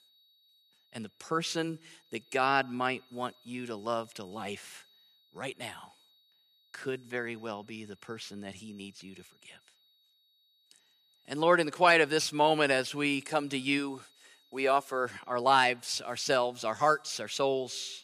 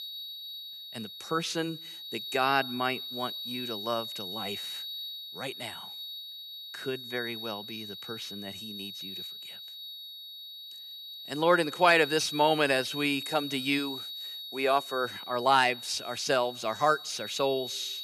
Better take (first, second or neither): first